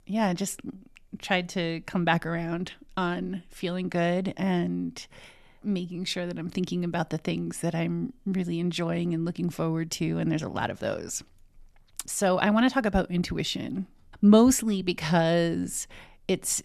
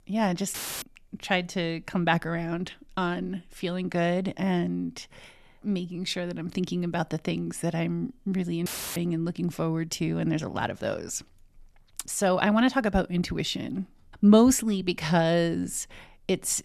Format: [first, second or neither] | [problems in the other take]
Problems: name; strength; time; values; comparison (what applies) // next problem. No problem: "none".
first | audio cutting out; filled with static; at 0.5 s and at 8.5 s